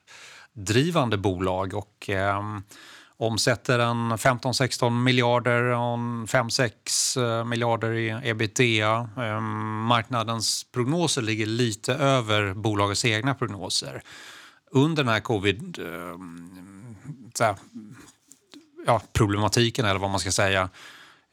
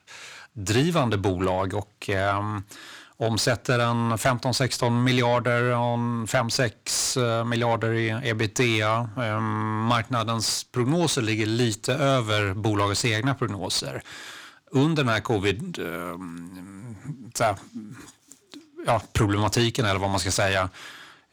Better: first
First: none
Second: distortion; slight; 10 dB below the speech

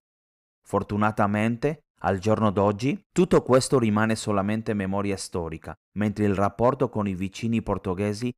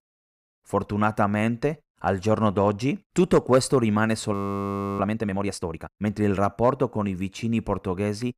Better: first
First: none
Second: audio freezing; at 4.5 s for 0.5 s

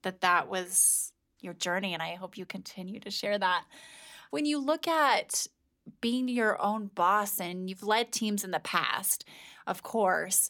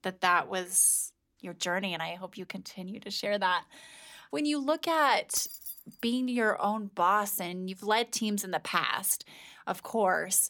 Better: first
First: none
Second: jangling keys; noticeable; at 5.5 s; peak 7 dB below the speech

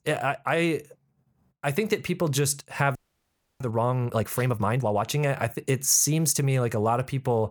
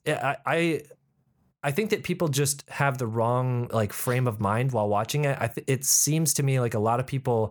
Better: second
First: audio freezing; at 3 s for 0.5 s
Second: none

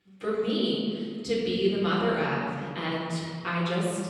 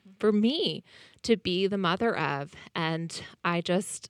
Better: second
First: off-mic speech; far // room echo; noticeable; dies away in 1.9 s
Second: none

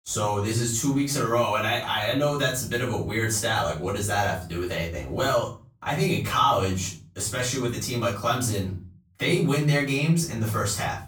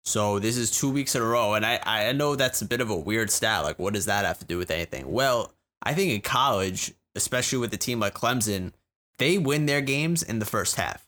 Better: second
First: off-mic speech; far // room echo; slight; dies away in 0.4 s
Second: none

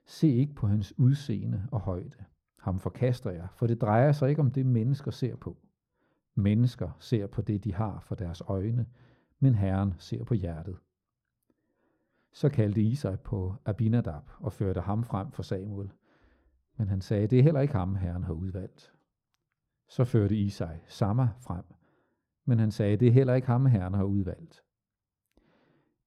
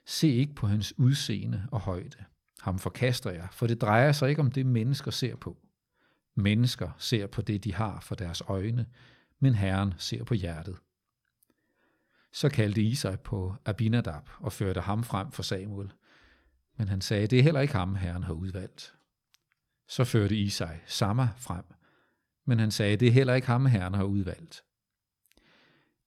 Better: second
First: muffled; slightly; fading above 1.5 kHz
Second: none

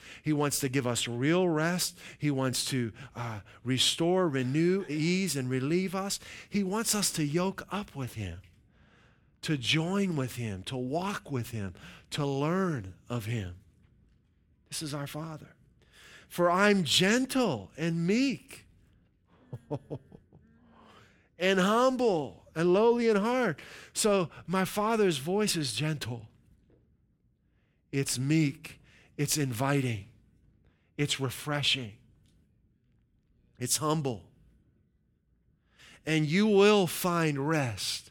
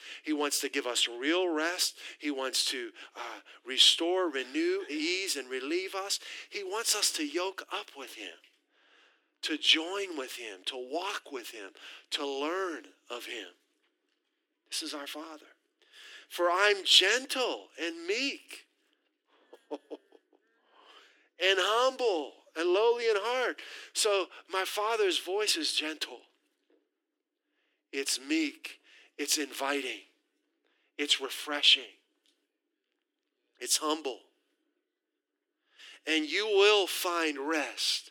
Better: first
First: none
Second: thin; somewhat; fading below 300 Hz

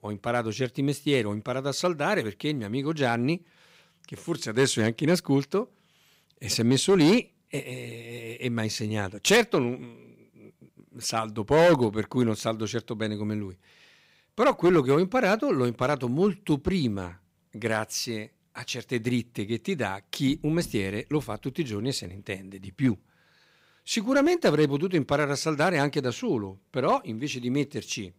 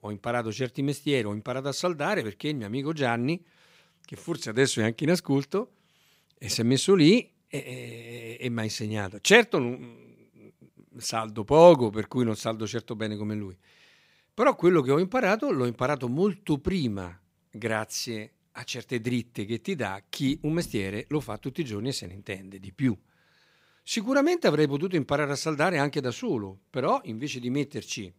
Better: second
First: distortion; slight; 1.9% of the sound clipped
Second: none

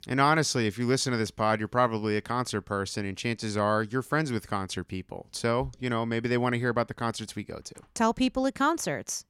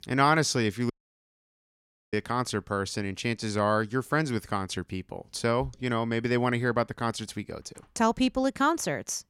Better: first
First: none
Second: audio cutting out; at 1 s for 1 s

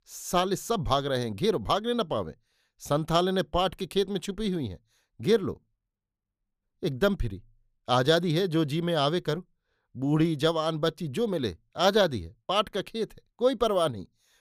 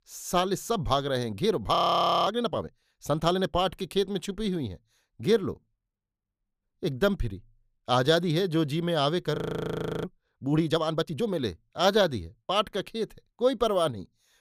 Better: first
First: none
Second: audio freezing; at 2 s for 0.5 s and at 9.5 s for 0.5 s

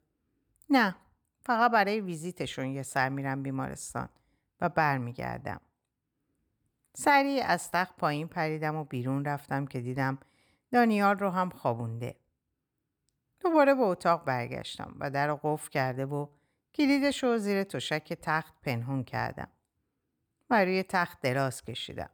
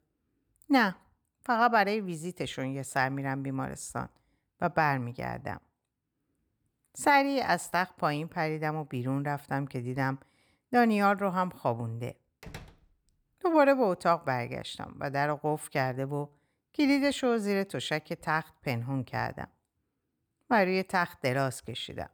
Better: first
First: none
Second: door banging; faint; at 12 s; peak 15 dB below the speech

